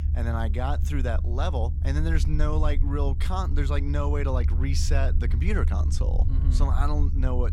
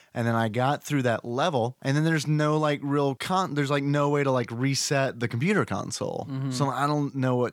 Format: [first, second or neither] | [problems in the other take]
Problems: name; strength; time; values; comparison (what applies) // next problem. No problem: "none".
second | low rumble; noticeable; throughout; 10 dB below the speech